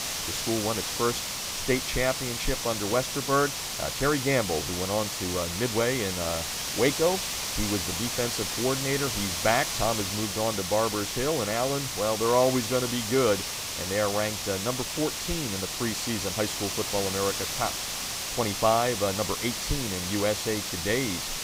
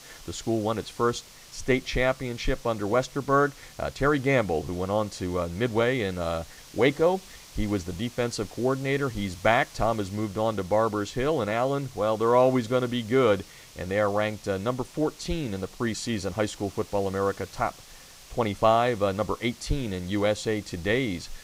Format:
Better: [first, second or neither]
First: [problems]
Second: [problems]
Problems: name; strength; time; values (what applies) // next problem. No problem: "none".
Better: second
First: hiss; loud; throughout; 1 dB below the speech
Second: hiss; faint; throughout; 20 dB below the speech